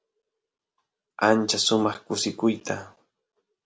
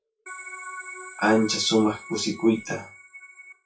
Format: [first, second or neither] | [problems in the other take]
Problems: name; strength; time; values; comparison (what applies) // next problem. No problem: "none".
first | noise reduction (classical method WPE with log-MMSE)